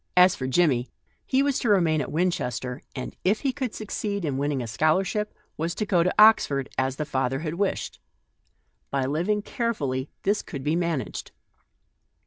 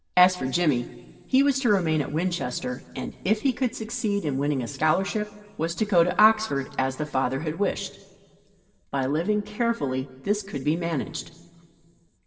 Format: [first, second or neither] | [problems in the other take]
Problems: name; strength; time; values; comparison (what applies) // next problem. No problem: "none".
first | room echo; dies away in 1.4 s